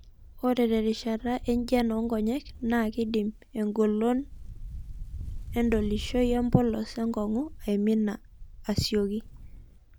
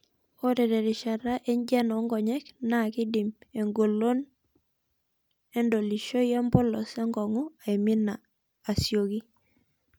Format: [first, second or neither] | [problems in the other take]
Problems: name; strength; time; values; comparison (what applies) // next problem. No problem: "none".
second | background sound (Wind); 12 dB below the speech